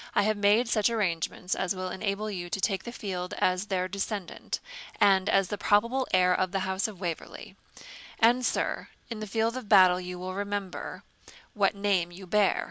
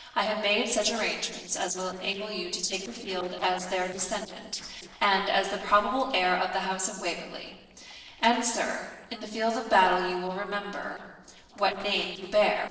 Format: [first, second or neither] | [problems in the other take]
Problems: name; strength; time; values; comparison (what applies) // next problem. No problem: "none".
first | noise reduction (neural separator model SepFormer DNS4)